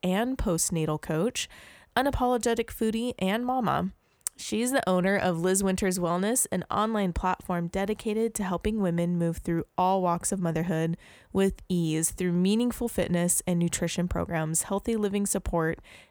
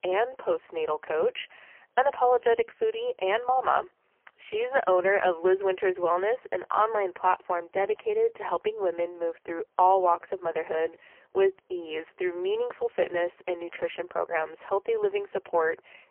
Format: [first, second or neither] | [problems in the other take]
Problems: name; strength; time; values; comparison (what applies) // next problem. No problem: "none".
first | phone-call audio; poor line; nothing above 3 kHz